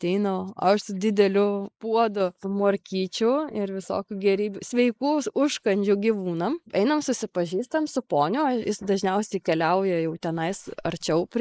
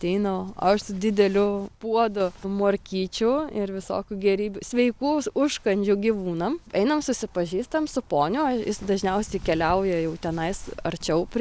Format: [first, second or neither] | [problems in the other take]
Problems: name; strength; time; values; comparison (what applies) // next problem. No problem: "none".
second | noise reduction (neural mask model Resemble Enhance denoiser)